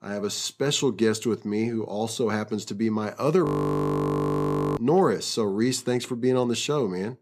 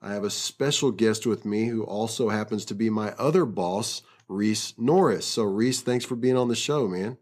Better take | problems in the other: second | audio freezing; at 3.5 s for 1.5 s

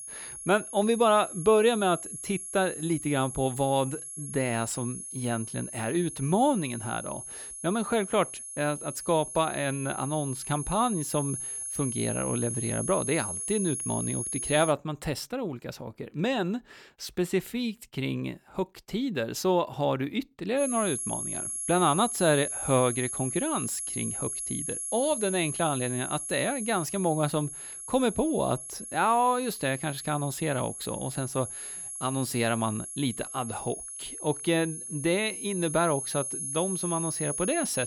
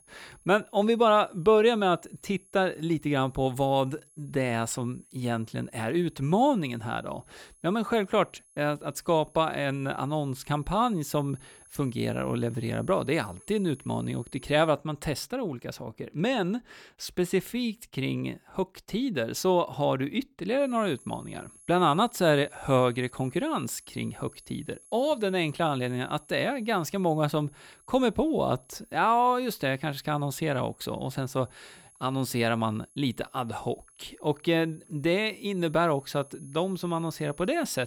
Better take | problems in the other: second | high-pitched whine; loud; until 15 s and from 21 s on; 11 kHz, 5 dB below the speech; faint in the second

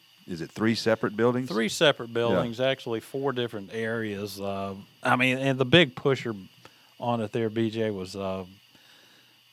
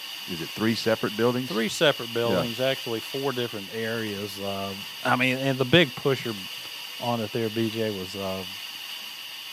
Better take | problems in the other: first | hiss; loud; throughout; 8 dB below the speech; faint in the first

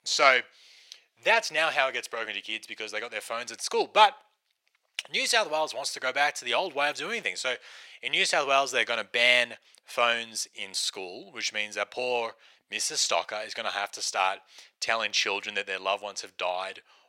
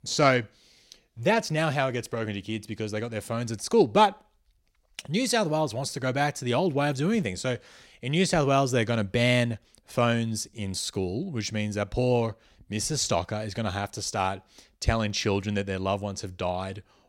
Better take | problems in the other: second | thin; very; fading below 700 Hz

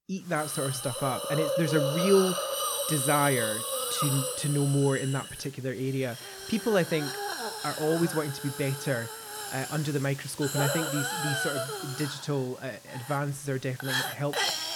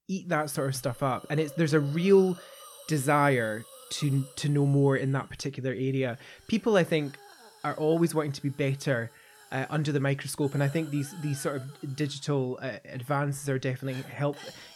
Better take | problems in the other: second | hiss; loud; throughout; 2 dB below the speech; faint in the second

